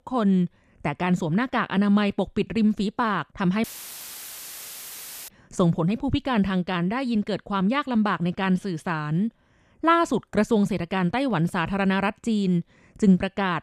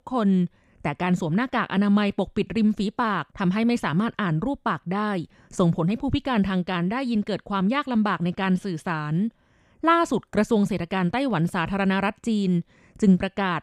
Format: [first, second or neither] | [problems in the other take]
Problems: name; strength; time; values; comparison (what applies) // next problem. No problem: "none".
second | audio cutting out; filled with static; at 3.5 s for 1.5 s